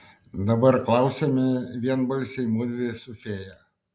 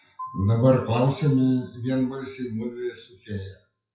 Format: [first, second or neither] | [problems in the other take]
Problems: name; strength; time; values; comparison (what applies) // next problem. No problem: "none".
first | noise reduction (classical method WPE with log-MMSE)